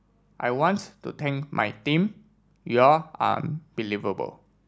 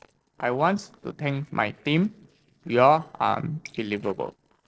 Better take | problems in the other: first | noise reduction (neural separator model SepFormer DNS4)

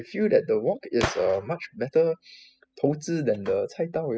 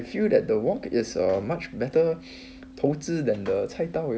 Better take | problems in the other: second | noise reduction (classical method spectral subtraction)

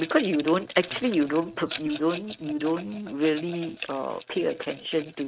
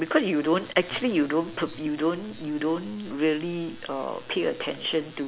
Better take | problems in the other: second | noise reduction (neural mask model RNNoise)

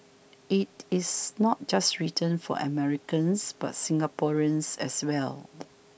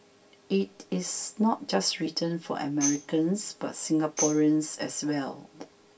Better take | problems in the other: first | background sound (Tambourine); 9 dB below the speech // room echo; dies away in 0.2 s

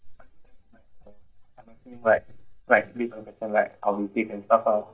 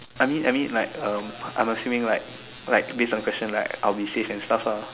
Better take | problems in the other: second | noise reduction (neural mask model DeepFilterNet 3)

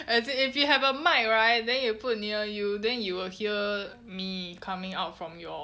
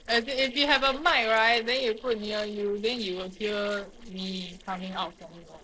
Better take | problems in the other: first | noise reduction (neural separator model SepFormer DNS4)

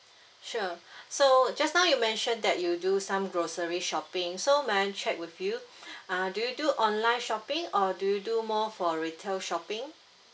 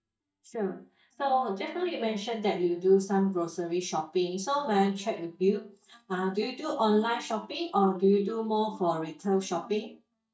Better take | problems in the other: first | noise reduction (neural mask model DeepFilterNet 3)

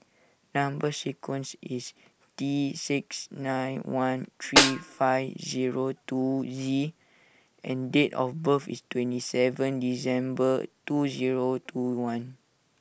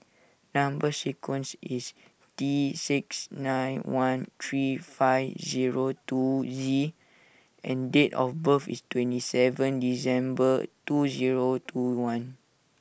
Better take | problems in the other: second | background sound (Snare drum); 2 dB above the speech

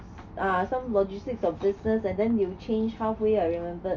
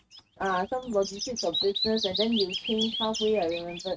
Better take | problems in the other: first | noise reduction (neural mask model RNNoise)

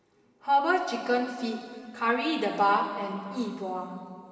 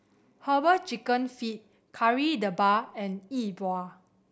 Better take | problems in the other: second | room echo; dies away in 2.7 s

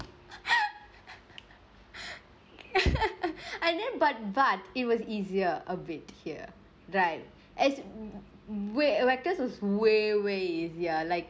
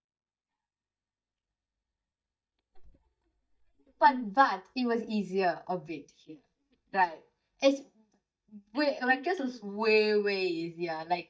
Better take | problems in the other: first | noise reduction (neural mask model DeepFilterNet 3)

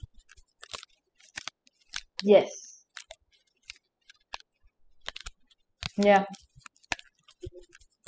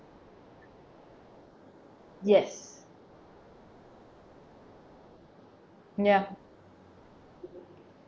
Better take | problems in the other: second | noise reduction (classical method spectral subtraction)

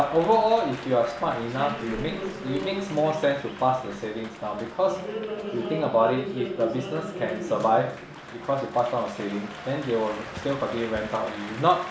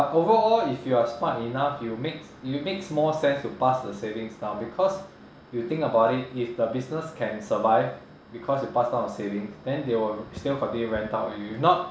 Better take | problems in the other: second | background sound (Applause); 10 dB below the speech

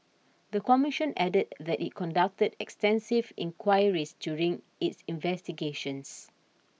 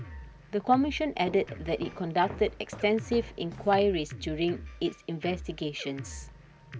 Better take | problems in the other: first | background sound (Walk, footsteps + Drum kit); 13 dB below the speech

